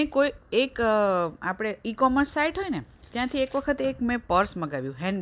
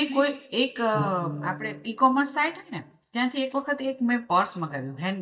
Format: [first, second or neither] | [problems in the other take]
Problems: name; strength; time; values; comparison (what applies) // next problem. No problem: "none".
first | noise reduction (neural mask model DeepFilterNet 3)